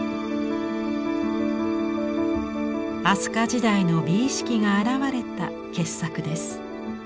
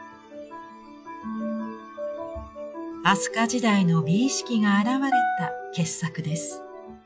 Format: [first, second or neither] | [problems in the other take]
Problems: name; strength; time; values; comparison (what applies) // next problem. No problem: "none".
first | noise reduction (classical method log-MMSE)